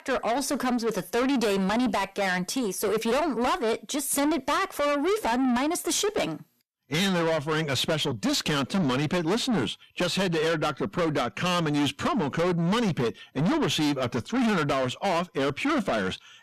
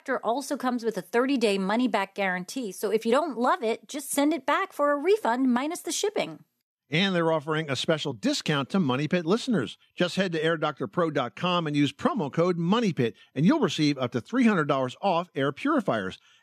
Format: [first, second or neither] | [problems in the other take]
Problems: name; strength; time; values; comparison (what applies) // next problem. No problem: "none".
second | distortion; heavy; 6 dB below the speech